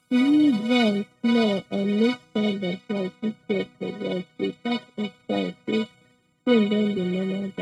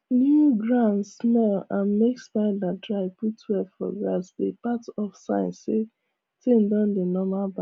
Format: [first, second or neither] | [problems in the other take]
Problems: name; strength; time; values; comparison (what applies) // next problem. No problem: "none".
second | noise reduction (neural mask model RNNoise)